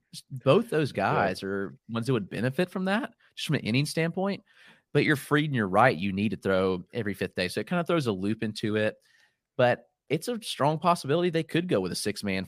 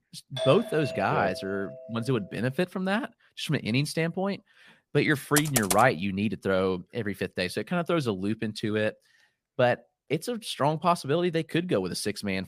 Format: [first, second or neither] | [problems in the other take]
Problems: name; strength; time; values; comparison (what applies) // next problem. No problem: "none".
first | doorbell; noticeable; until 2 s; peak 4 dB below the speech // keyboard typing; loud; at 5.5 s; peak 1 dB above the speech